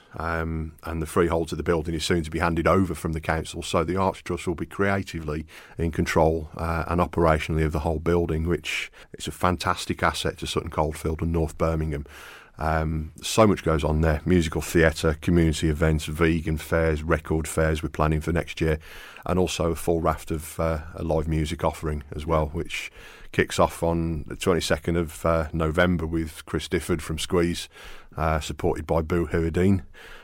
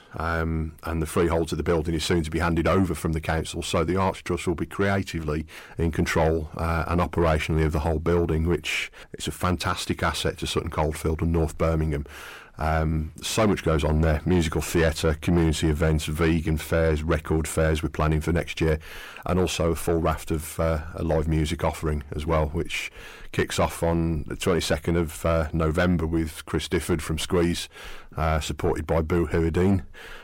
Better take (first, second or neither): first